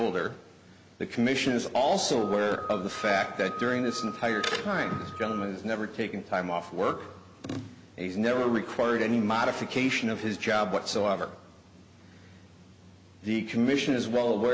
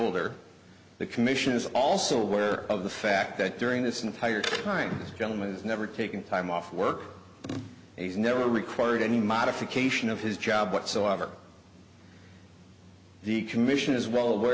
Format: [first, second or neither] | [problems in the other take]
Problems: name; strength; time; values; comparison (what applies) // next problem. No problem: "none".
second | background sound (Screech / Glass); 11 dB below the speech